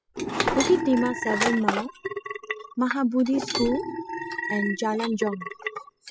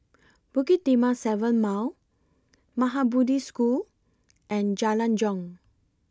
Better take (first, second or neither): second